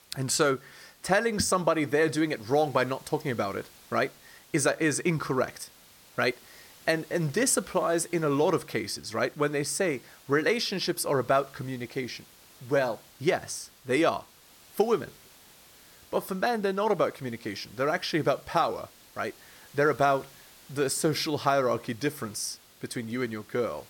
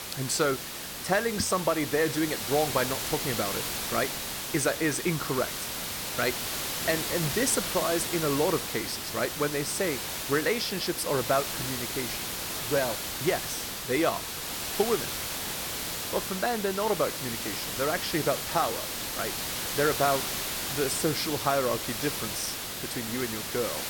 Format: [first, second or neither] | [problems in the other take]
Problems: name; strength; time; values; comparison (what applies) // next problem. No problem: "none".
first | hiss; loud; throughout; 2 dB below the speech; faint in the first